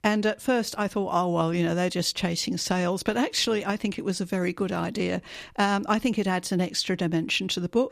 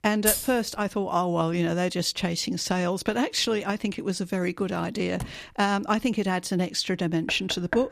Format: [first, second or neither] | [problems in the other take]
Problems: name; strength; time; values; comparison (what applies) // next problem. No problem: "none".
first | jangling keys; loud; at 0.5 s; peak 2 dB above the speech // door banging; faint; at 5 s; peak 15 dB below the speech // door banging; noticeable; at 7.5 s; peak 7 dB below the speech